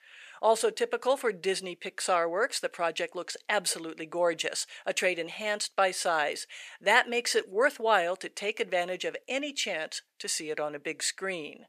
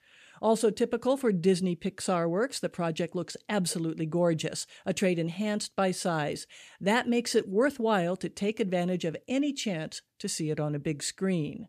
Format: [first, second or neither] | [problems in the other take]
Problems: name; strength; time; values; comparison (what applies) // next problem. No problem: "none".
second | thin; very; fading below 650 Hz